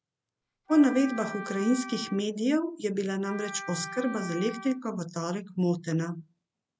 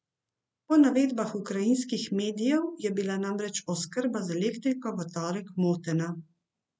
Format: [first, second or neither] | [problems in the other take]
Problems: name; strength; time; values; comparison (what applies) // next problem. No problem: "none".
second | background sound (Wind instrument, woodwind instrument); 12 dB below the speech